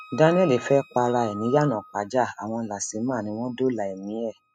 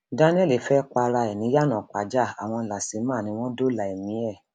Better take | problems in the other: second | noise reduction (classical method spectral subtraction)

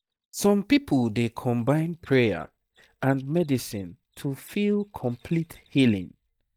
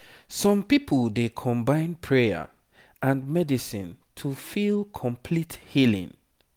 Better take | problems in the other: second | noise reduction (neural mask model DeepFilterNet 3)

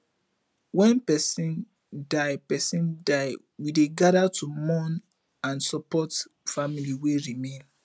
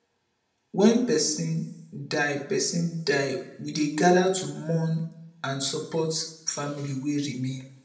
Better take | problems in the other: first | room echo; dies away in 0.6 s

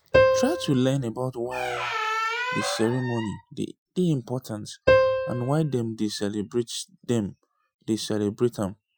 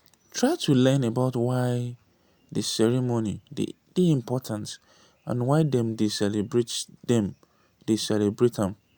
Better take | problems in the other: second | noise reduction (classical method Wiener filter)

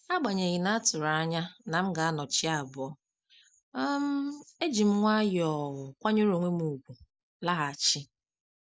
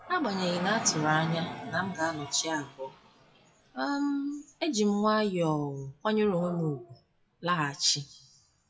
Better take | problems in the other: first | noise reduction (classical method WPE with log-MMSE)

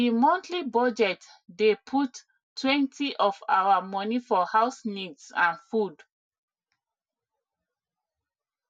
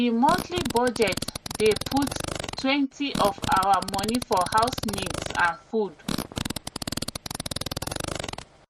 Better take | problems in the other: first | background sound (Fart); 6 dB below the speech

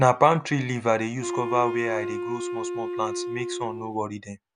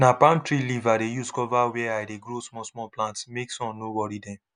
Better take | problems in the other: second | background sound (Wind instrument, woodwind instrument); 6 dB below the speech

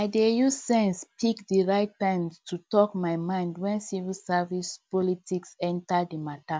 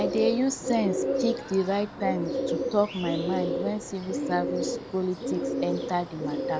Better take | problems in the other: first | background sound (Bird); 1 dB below the speech

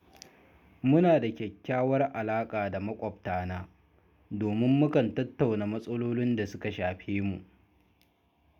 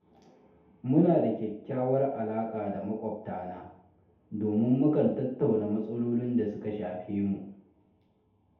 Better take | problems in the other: first | room echo; dies away in 0.8 s

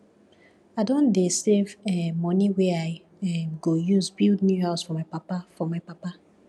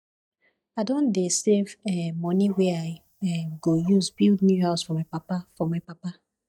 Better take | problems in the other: first | noise reduction (neural mask model DeepFilterNet 3)

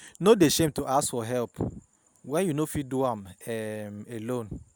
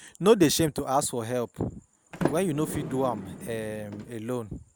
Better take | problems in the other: first | background sound (Sliding door); 8 dB below the speech

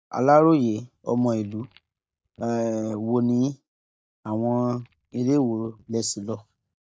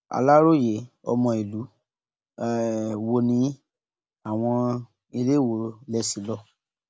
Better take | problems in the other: second | noise reduction (neural mask model DeepFilterNet 3)

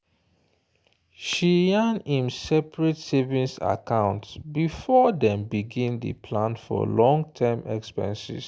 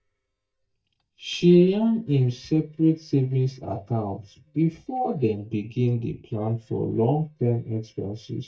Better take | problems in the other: first | noise reduction (neural mask model DeepFilterNet 3)

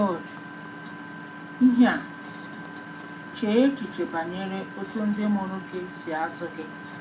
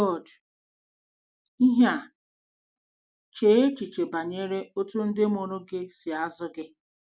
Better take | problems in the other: second | background sound (Engine); 12 dB below the speech // room echo; dies away in 0.3 s

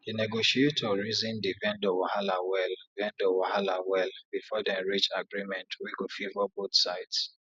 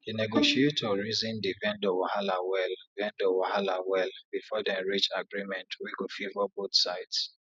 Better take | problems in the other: first | noise reduction (neural mask model RNNoise)

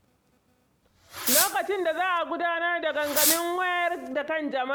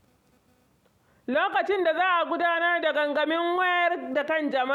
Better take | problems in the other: second | background sound (Fireworks); 2 dB below the speech

